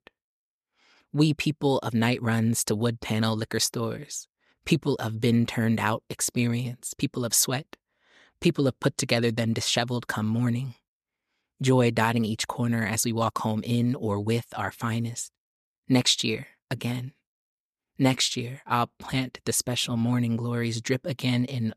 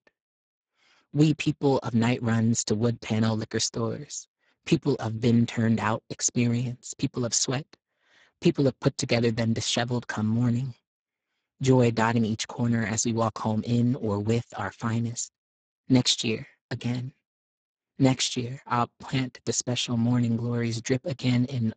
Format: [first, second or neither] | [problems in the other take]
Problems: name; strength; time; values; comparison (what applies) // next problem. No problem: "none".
first | garbled, watery; badly; nothing above 7.5 kHz